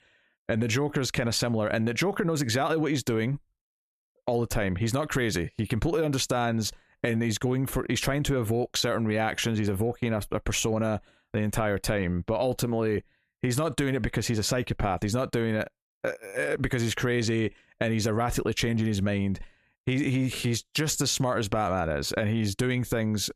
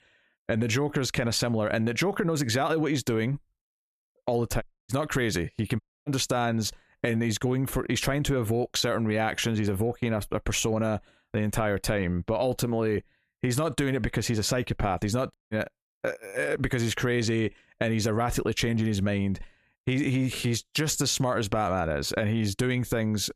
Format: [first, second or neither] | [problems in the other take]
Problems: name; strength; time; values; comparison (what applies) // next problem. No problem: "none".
first | audio cutting out; at 4.5 s, at 6 s and at 15 s